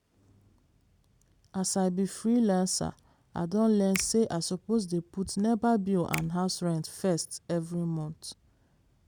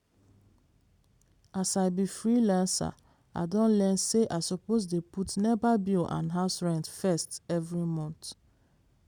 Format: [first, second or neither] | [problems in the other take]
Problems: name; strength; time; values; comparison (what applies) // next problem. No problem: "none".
second | background sound (Finger snapping); 16 dB below the speech